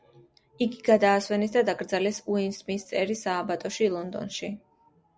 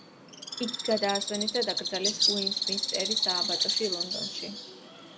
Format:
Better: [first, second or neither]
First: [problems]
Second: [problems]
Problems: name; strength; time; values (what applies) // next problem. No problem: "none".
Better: first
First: none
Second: background sound (Bird); 3 dB above the speech